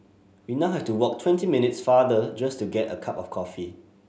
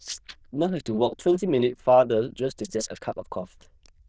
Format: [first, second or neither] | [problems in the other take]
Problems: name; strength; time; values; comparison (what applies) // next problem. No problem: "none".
first | noise reduction (neural diffusion model UNIVERSE++)